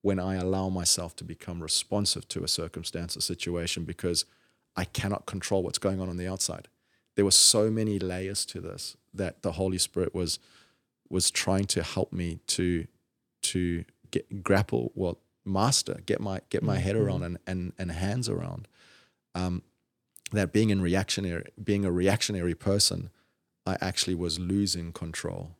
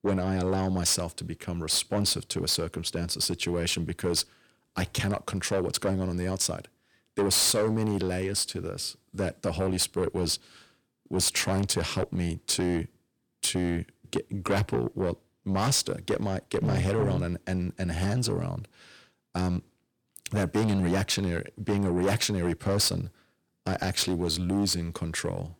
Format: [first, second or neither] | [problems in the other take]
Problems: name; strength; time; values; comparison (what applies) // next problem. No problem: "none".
first | distortion; heavy; 8 dB below the speech